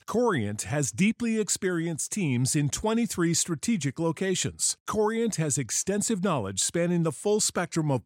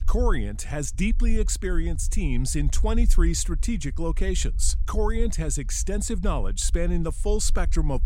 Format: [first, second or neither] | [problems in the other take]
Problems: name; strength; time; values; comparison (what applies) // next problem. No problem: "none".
first | low rumble; faint; throughout; 20 dB below the speech